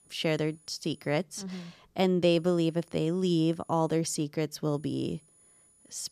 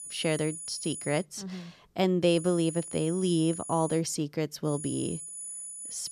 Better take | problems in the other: first | high-pitched whine; loud; until 1 s, from 2.5 to 4 s and from 4.5 s on; 10 kHz, 9 dB below the speech; faint in the first

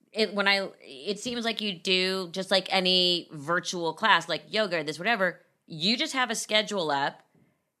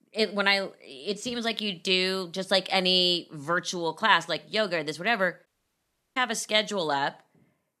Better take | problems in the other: first | audio cutting out; at 5.5 s for 0.5 s

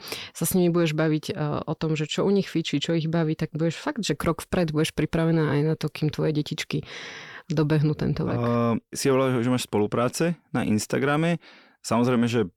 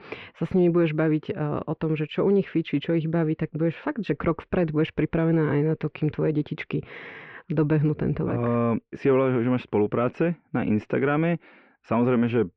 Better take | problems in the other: first | muffled; very; fading above 2.5 kHz

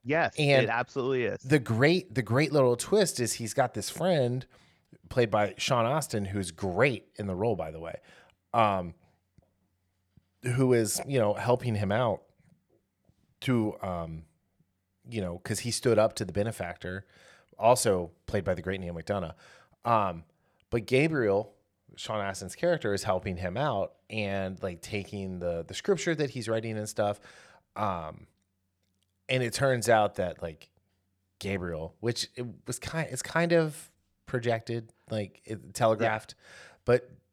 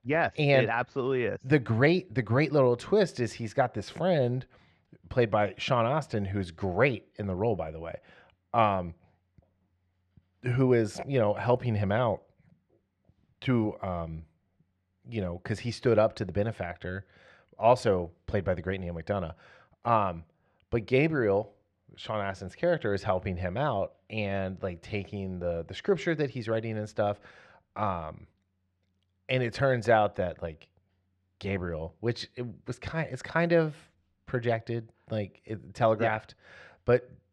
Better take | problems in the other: first | muffled; slightly; fading above 3.5 kHz

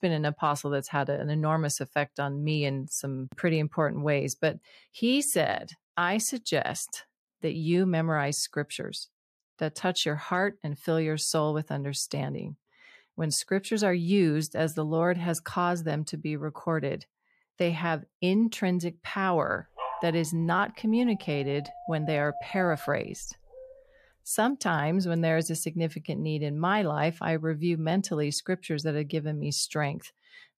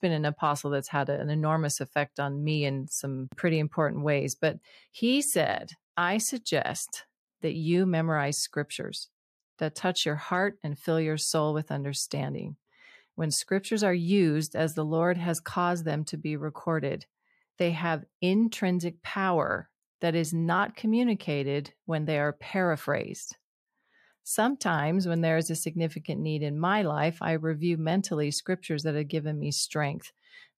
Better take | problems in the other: second | dog barking; noticeable; from 20 to 24 s; peak 7 dB below the speech

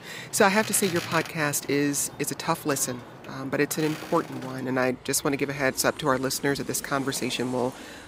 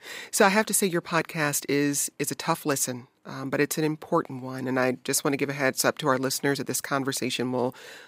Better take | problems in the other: second | train or aircraft noise; noticeable; throughout; 15 dB below the speech

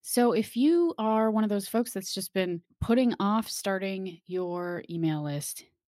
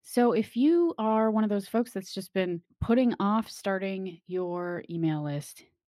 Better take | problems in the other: first | muffled; very slightly; fading above 4 kHz

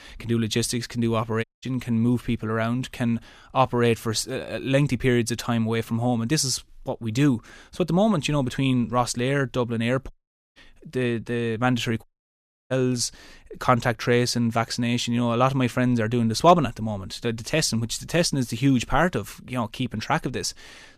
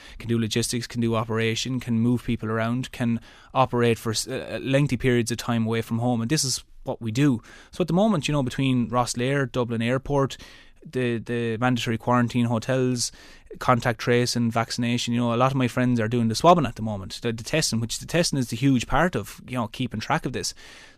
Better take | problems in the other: second | audio cutting out; at 1.5 s, at 10 s and at 12 s for 0.5 s

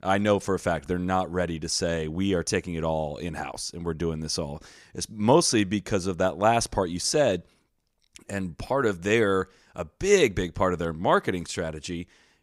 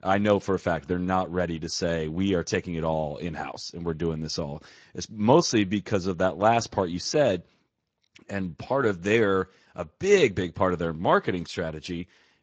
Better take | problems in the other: first | garbled, watery; slightly

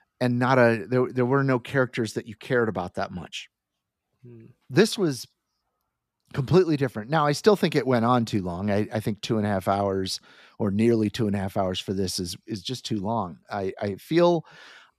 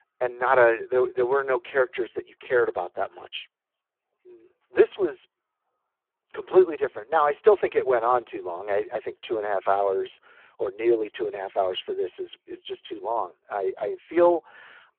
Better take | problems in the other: first | phone-call audio; poor line

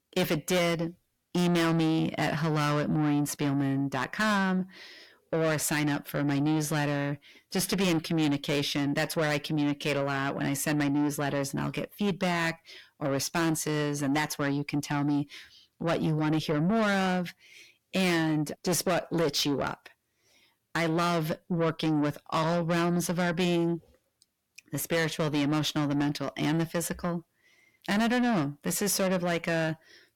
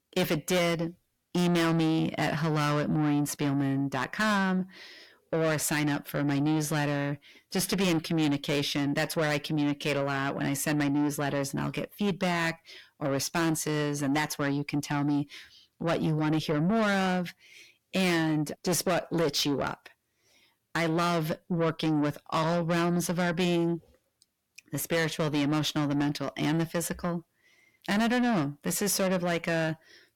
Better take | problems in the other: neither | distortion; heavy; 7 dB below the speech; the same in both

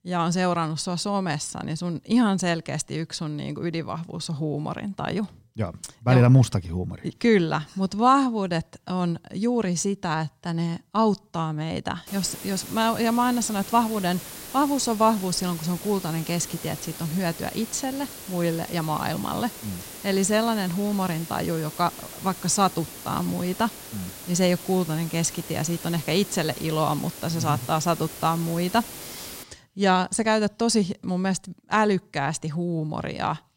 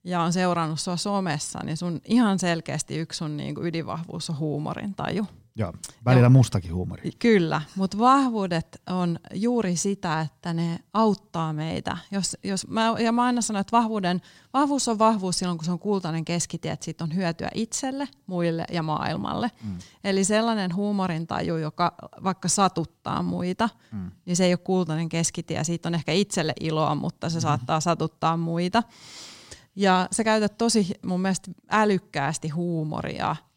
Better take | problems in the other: second | hiss; noticeable; from 12 to 29 s; 10 dB below the speech

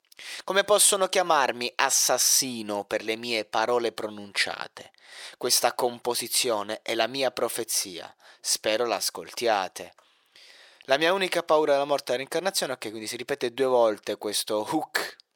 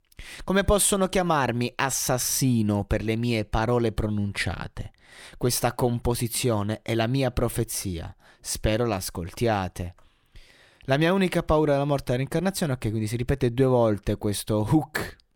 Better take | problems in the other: second | thin; very; fading below 550 Hz

